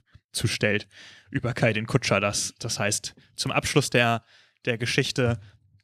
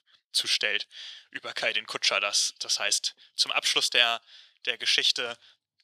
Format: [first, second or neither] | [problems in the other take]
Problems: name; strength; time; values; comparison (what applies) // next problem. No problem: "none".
first | thin; very; fading below 750 Hz